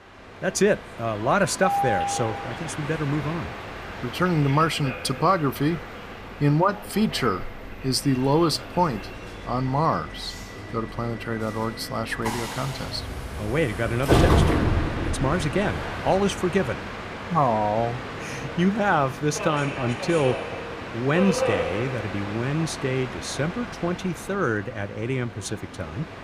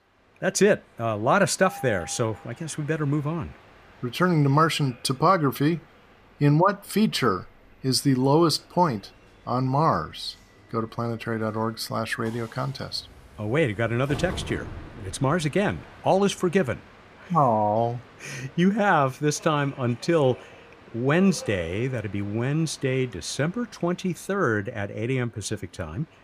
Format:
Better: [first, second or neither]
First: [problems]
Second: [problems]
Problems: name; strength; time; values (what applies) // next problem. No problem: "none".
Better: second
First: train or aircraft noise; loud; throughout; 5 dB below the speech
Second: train or aircraft noise; faint; throughout; 20 dB below the speech